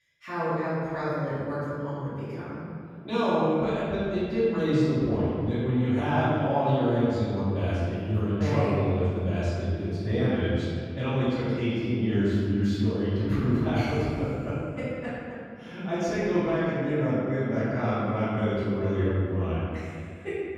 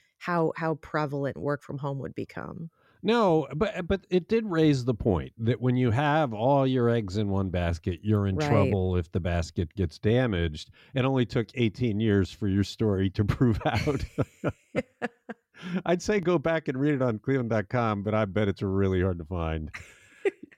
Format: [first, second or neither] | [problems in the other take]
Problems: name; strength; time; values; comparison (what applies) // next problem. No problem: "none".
second | room echo; strong; dies away in 2 s // off-mic speech; far